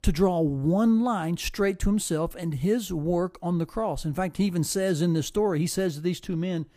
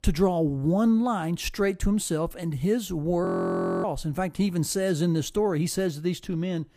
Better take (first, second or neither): first